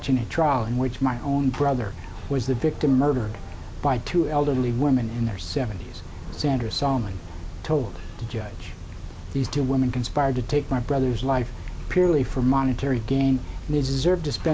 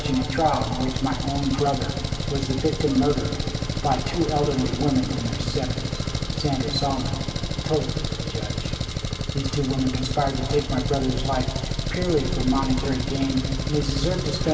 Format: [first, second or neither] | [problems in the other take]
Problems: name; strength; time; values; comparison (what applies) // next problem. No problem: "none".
first | background sound (Engine); 3 dB below the speech // room echo; dies away in 2.7 s